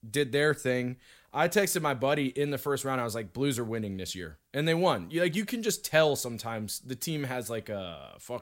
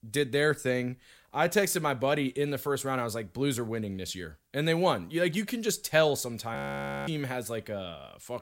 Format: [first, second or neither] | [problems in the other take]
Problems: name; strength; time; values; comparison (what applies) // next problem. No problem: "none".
first | audio freezing; at 6.5 s for 0.5 s